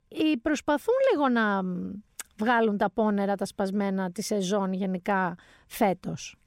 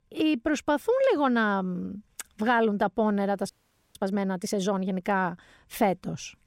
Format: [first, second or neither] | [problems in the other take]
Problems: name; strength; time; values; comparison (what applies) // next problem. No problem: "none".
first | audio freezing; at 3.5 s